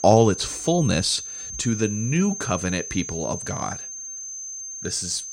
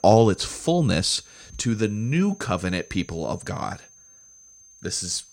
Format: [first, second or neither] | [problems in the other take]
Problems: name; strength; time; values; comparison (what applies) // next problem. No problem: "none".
second | high-pitched whine; loud; throughout; 6.5 kHz, 8 dB below the speech; faint in the second